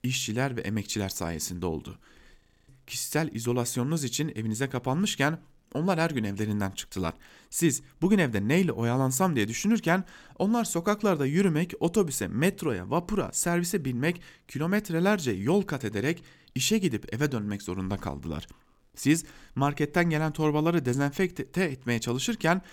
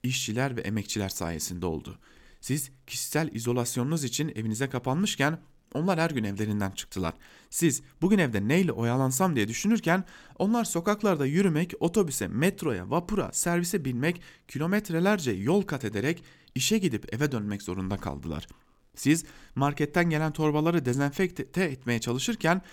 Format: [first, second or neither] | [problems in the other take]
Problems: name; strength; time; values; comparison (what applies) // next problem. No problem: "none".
second | audio freezing; at 2.5 s